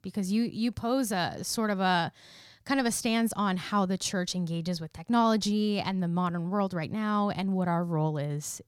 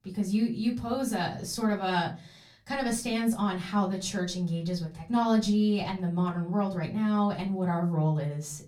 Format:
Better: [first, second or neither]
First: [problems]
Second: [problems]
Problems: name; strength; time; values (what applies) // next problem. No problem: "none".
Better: first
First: none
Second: off-mic speech; far // room echo; very slight; dies away in 0.3 s